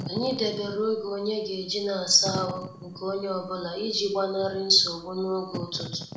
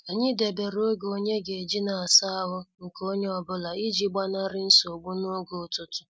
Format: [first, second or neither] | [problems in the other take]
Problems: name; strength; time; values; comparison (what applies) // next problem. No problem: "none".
second | background sound (Wind / Fire); 13 dB below the speech // room echo; dies away in 0.5 s